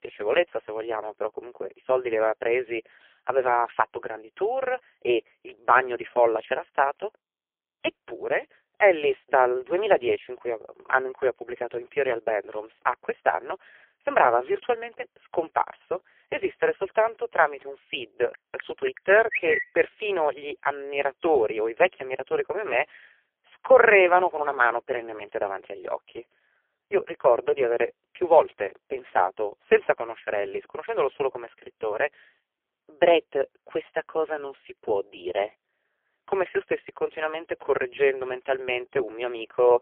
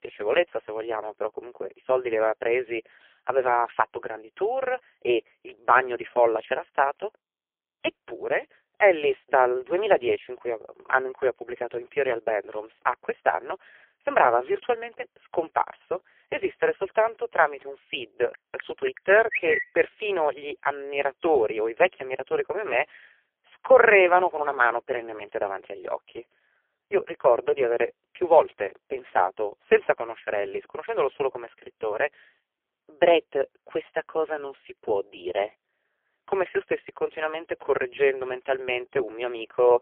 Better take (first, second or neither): neither